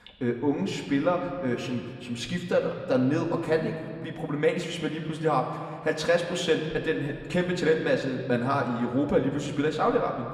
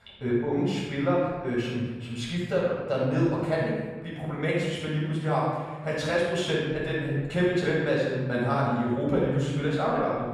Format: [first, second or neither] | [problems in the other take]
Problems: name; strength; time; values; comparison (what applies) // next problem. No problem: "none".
first | room echo; strong; dies away in 1.4 s; slight in the first // off-mic speech; far; somewhat distant in the first